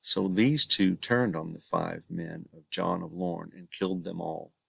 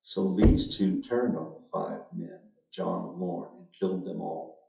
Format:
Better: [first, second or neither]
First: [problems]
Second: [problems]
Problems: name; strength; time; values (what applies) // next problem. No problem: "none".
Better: first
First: none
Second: noise reduction (classical method WPE with log-MMSE)